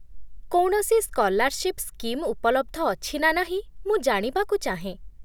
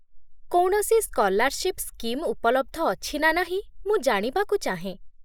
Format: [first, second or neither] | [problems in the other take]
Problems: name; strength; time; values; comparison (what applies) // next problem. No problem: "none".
first | noise reduction (neural mask model Resemble Enhance denoiser)